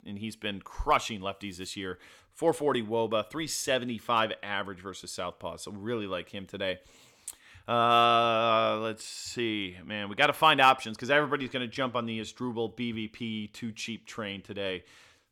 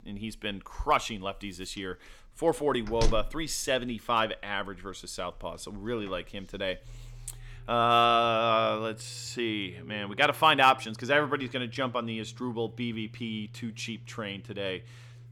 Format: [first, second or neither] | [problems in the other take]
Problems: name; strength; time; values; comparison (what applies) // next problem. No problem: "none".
first | household noises; noticeable; throughout; 15 dB below the speech